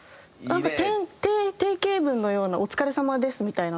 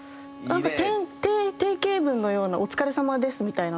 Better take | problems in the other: first | background sound (Bowed string instrument); 18 dB below the speech

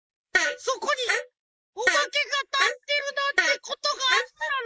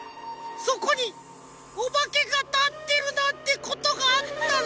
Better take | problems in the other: second | noise reduction (neural mask model Resemble Enhance denoiser)

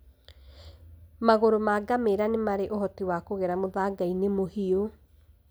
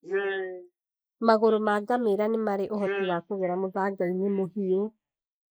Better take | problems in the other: first | noise reduction (neural mask model Resemble Enhance denoiser)

